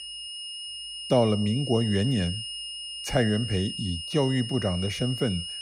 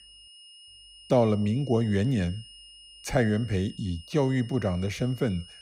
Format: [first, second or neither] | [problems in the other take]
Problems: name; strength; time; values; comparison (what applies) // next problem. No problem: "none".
second | high-pitched whine; loud; throughout; 3 kHz, 7 dB below the speech; faint in the second